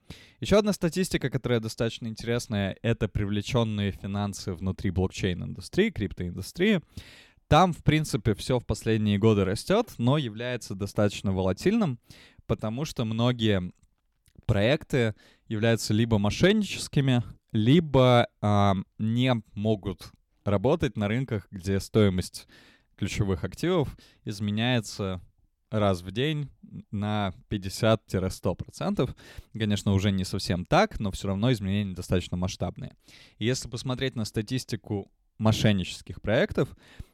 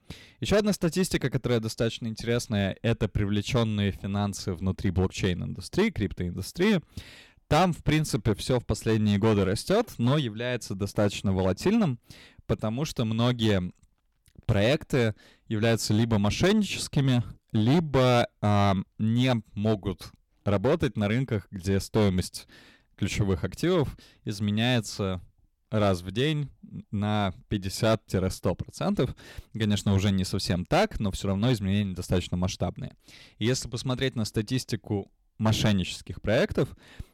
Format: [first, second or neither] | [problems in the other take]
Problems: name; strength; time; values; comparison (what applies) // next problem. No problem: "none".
first | distortion; slight; 5% of the sound clipped